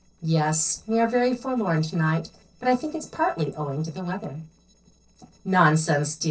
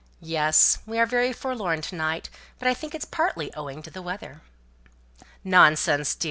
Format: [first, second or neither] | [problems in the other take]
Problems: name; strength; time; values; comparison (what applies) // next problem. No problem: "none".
second | noise reduction (neural separator model SepFormer DNS4)